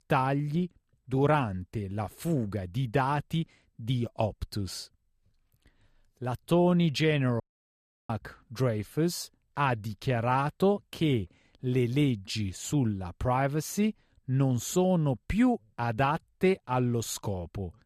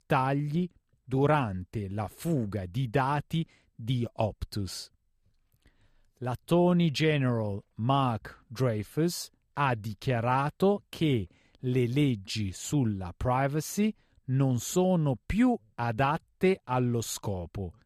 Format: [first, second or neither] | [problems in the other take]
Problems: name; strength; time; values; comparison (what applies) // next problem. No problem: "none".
second | audio cutting out; at 7.5 s for 0.5 s